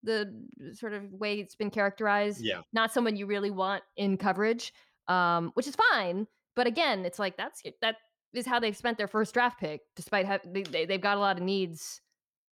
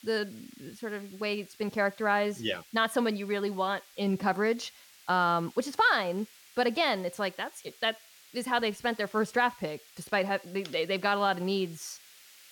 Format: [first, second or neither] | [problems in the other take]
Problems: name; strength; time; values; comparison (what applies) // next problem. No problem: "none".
first | hiss; faint; throughout; 25 dB below the speech